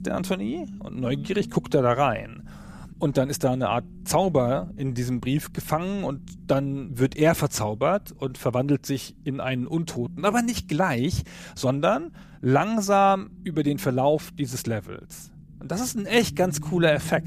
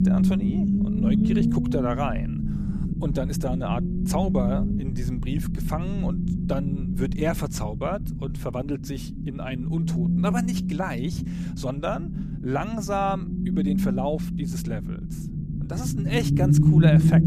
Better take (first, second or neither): first